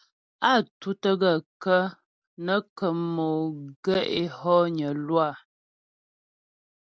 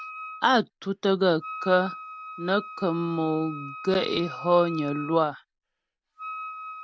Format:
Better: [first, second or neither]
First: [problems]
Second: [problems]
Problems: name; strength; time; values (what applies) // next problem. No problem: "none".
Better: first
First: none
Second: background sound (Wind instrument, woodwind instrument); 13 dB below the speech